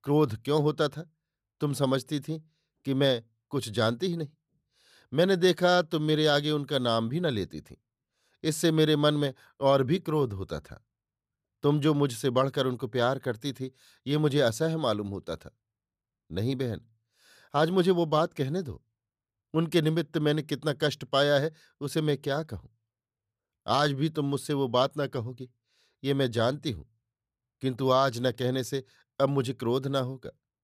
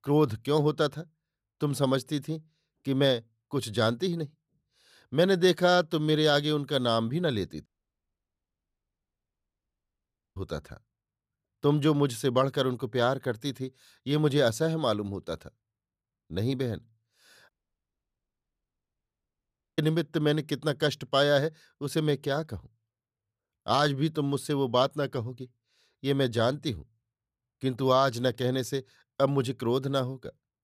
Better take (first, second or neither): first